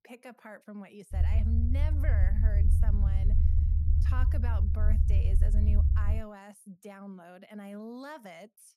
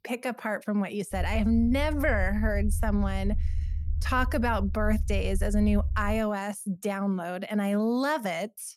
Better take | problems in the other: second | low rumble; loud; from 1 to 6 s; 1 dB below the speech; faint in the second

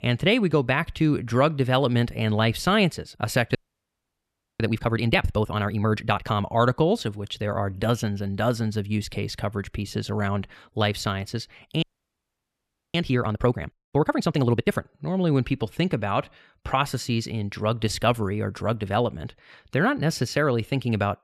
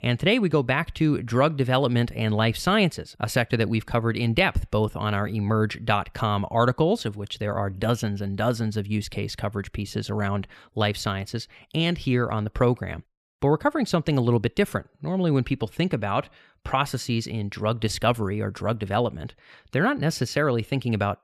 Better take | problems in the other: second | audio freezing; at 3.5 s for 1 s and at 12 s for 1 s

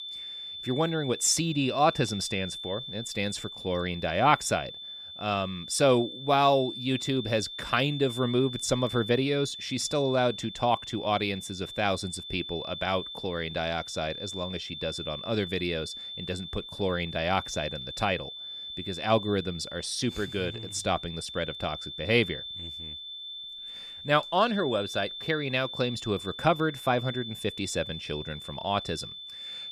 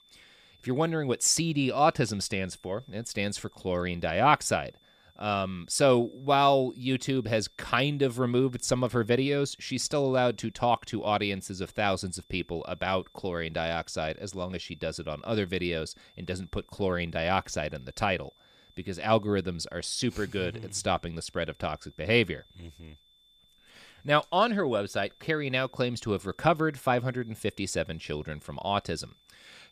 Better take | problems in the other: second | high-pitched whine; loud; throughout; 3.5 kHz, 9 dB below the speech; faint in the second

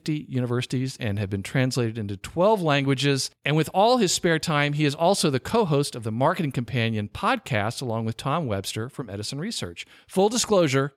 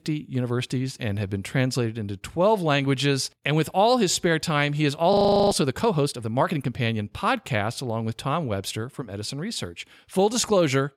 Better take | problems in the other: first | audio freezing; at 5 s

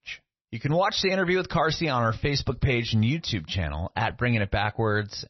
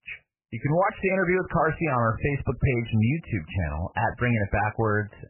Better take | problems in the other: first | garbled, watery; badly; nothing above 2.5 kHz; slightly in the first

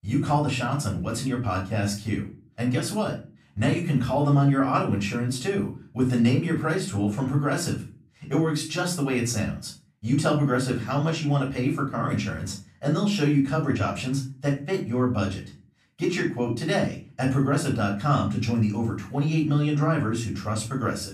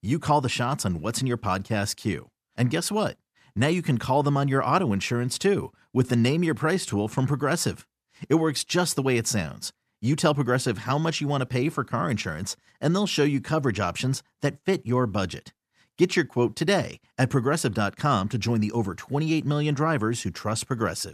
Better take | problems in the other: second | room echo; slight; dies away in 0.3 s // off-mic speech; far

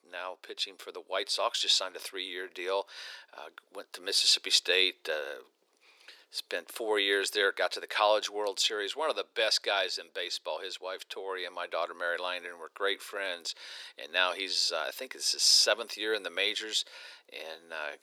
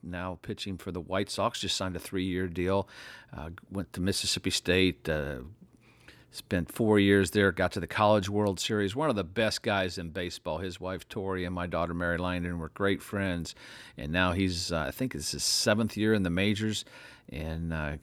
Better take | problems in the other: second | thin; very; fading below 400 Hz

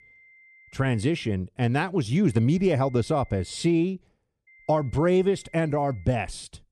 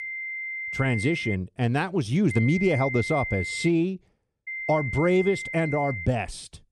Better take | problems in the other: first | high-pitched whine; loud; until 1.5 s, from 2.5 to 3.5 s and from 4.5 to 6 s; 2 kHz, 6 dB below the speech; faint in the first

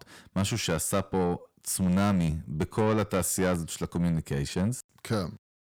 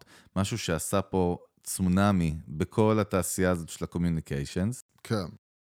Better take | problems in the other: second | distortion; slight; 10 dB below the speech

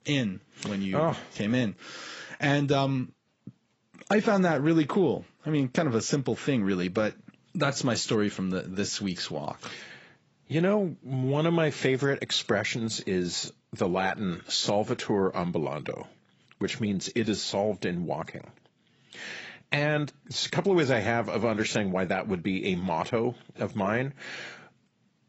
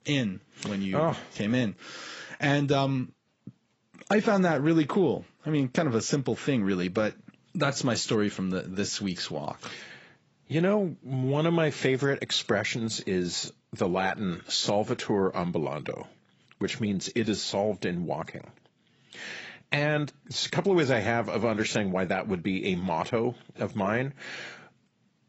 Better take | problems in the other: neither | garbled, watery; badly; nothing above 7.5 kHz; the same in both

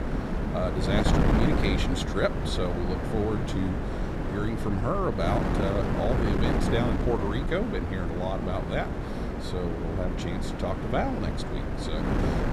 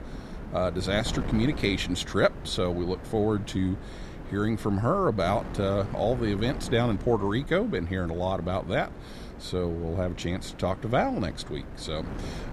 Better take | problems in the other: second | wind noise on the microphone; heavy; 1 dB below the speech; occasional gusts in the second

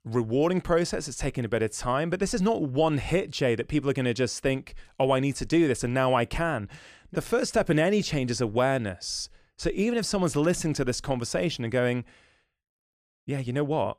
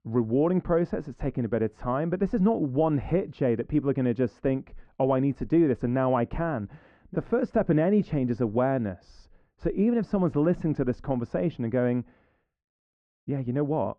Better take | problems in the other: first | muffled; very; fading above 1 kHz

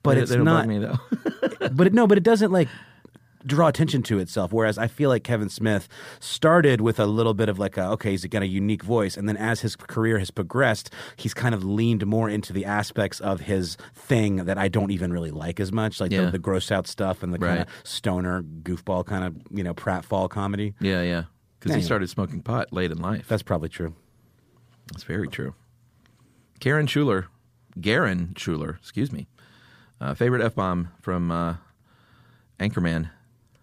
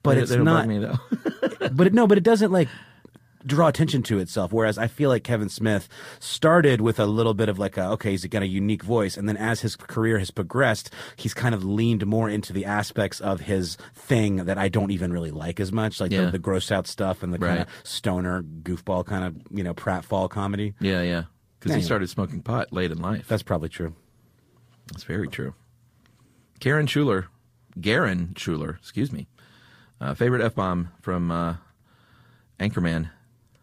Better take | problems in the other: first | garbled, watery; slightly; nothing above 15 kHz

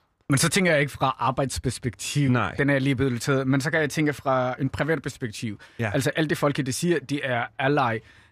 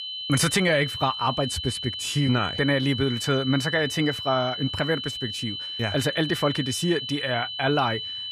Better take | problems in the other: first | high-pitched whine; loud; throughout; 3 kHz, 5 dB below the speech

